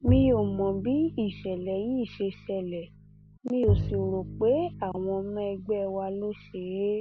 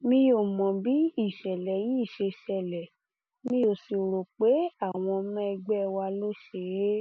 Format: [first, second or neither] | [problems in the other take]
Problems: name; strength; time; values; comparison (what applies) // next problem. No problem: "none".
second | background sound (Bowed string instrument); 5 dB below the speech